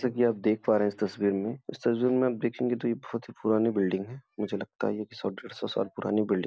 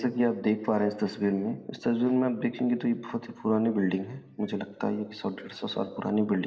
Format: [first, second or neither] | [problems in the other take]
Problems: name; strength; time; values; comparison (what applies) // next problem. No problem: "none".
first | room echo; dies away in 1 s